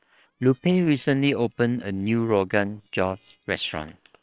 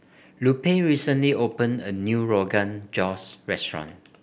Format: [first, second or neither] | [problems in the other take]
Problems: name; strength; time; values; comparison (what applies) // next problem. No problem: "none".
second | noise reduction (neural separator model SepFormer WHAM!)